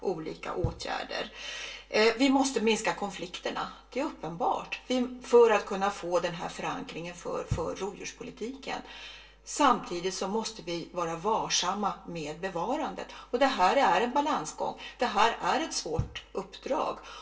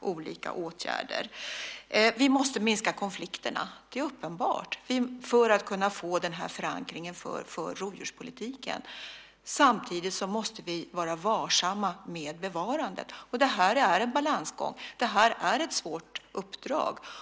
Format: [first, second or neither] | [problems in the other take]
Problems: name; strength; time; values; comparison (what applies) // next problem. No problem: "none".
second | background sound (Knock); 10 dB below the speech // room echo; dies away in 0.2 s